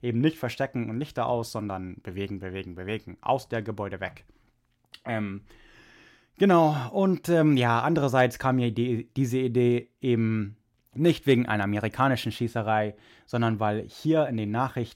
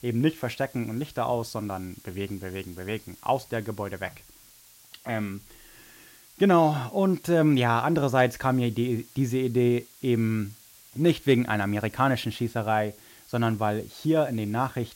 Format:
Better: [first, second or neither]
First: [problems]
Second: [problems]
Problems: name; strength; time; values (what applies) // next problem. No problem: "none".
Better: first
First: none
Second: hiss; faint; throughout; 25 dB below the speech